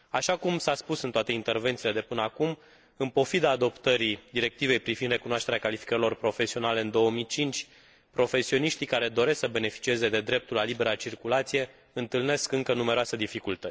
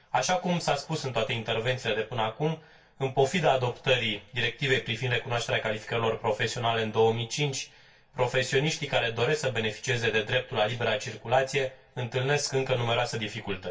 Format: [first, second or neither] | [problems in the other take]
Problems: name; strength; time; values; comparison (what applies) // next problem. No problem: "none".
first | room echo; dies away in 0.2 s